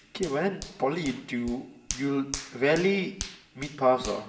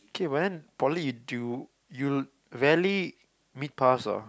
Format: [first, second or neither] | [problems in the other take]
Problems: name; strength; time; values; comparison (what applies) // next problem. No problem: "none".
second | background sound (Hands); 13 dB below the speech // room echo; dies away in 0.8 s